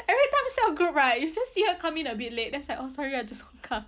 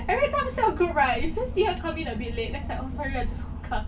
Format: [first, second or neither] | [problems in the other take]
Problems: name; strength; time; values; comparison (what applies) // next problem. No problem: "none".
first | background sound (Engine / Boat, Water vehicle); 5 dB below the speech // room echo; dies away in 0.2 s